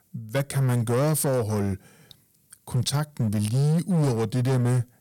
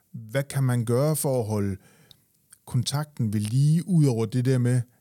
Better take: second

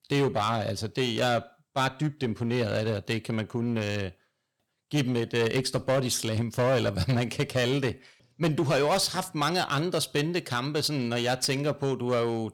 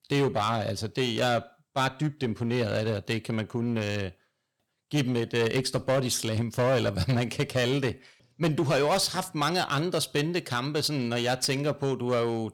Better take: neither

